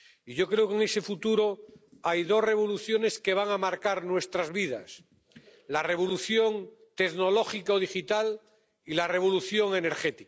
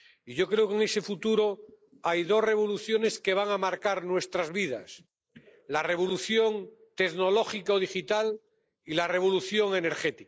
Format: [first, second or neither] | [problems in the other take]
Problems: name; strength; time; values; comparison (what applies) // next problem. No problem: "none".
first | noise reduction (neural mask model Resemble Enhance denoiser)